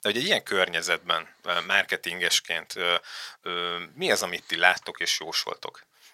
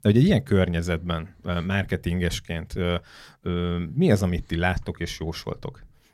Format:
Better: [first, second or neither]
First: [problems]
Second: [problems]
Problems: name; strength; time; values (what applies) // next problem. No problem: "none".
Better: second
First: thin; very; fading below 800 Hz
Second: none